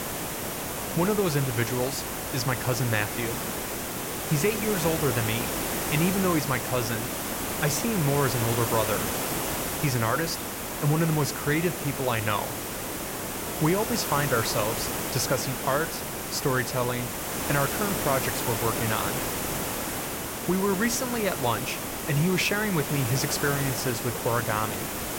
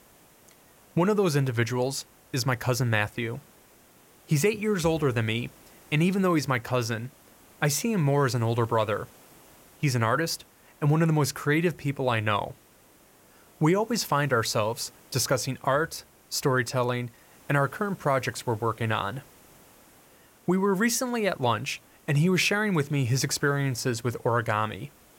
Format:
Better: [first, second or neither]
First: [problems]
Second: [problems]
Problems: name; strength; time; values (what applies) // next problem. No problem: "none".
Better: second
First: hiss; loud; throughout; 2 dB below the speech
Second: hiss; faint; throughout; 30 dB below the speech